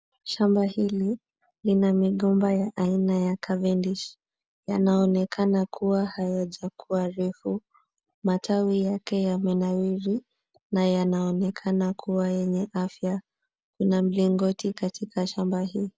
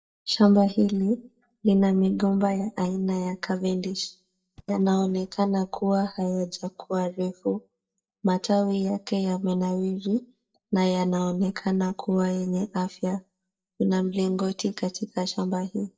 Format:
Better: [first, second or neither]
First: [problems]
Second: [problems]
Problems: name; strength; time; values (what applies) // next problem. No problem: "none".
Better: first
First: none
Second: noise reduction (neural mask model DeepFilterNet 3)